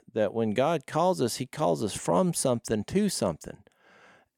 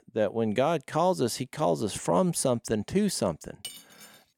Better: first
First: none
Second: clattering dishes; faint; at 3.5 s; peak 15 dB below the speech

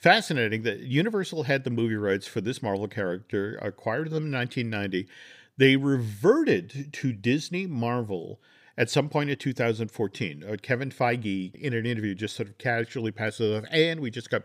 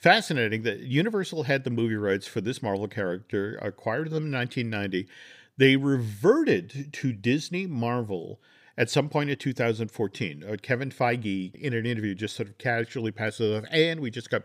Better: neither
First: none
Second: none

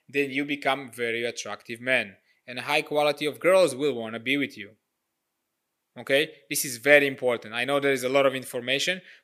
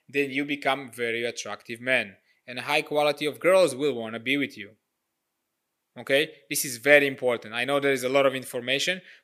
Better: neither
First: thin; very slightly; fading below 850 Hz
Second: thin; very slightly; fading below 850 Hz

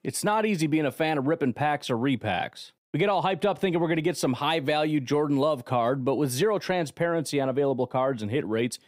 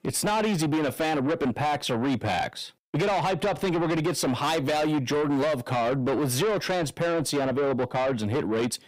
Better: first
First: none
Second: distortion; heavy; 8 dB below the speech

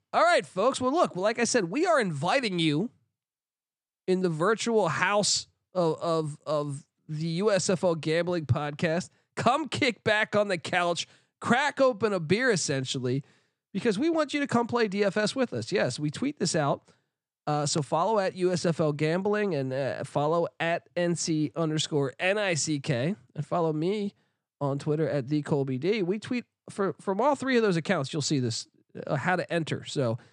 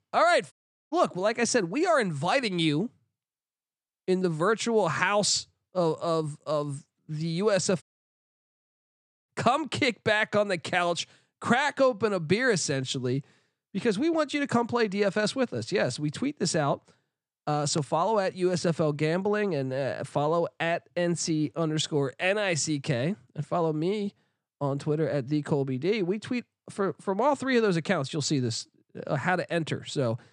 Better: first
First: none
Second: audio cutting out; at 0.5 s and at 8 s for 1.5 s

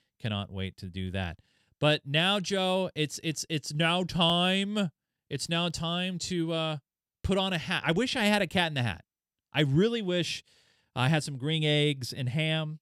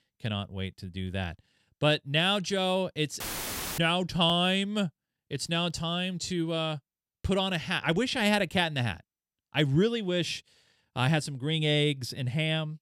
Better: first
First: none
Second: audio cutting out; filled with static; at 3 s for 0.5 s

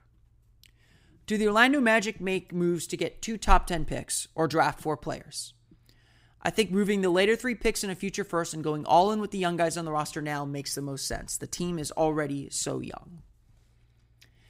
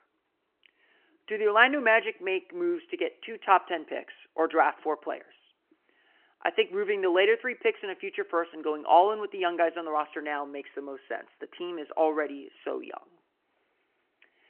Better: first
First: none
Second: phone-call audio; nothing above 3 kHz

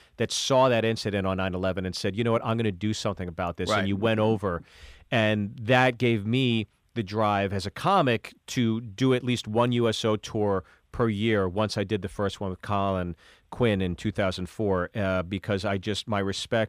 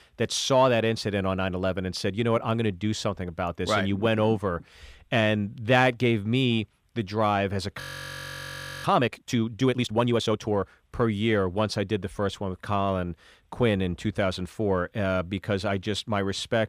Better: first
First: none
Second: audio freezing; at 8 s for 1 s

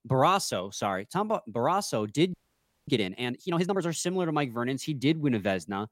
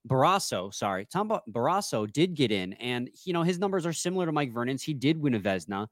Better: second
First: audio freezing; at 2.5 s for 0.5 s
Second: none

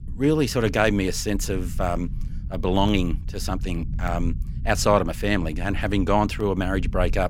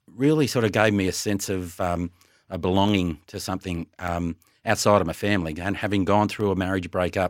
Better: second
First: low rumble; faint; throughout; 20 dB below the speech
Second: none

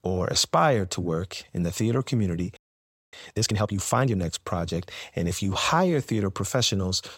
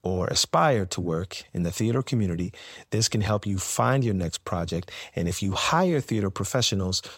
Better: second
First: audio freezing; at 2.5 s for 0.5 s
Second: none

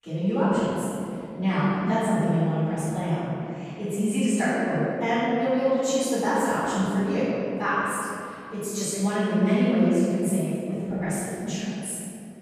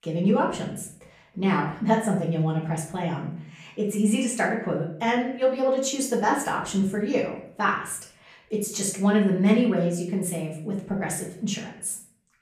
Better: second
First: room echo; strong; dies away in 2.6 s // off-mic speech; far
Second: room echo; slight; dies away in 0.5 s // off-mic speech; far

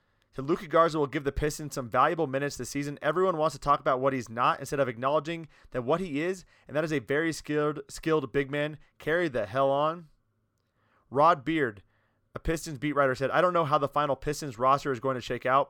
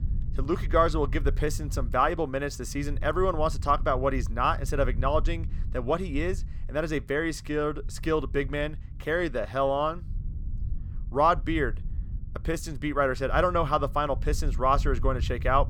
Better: first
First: none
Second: low rumble; faint; throughout; 25 dB below the speech

